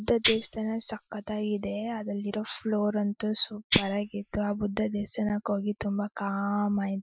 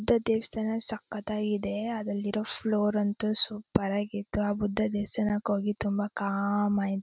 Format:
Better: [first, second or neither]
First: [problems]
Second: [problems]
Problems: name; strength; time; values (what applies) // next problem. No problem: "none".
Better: second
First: noise reduction (classical method Wiener filter)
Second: none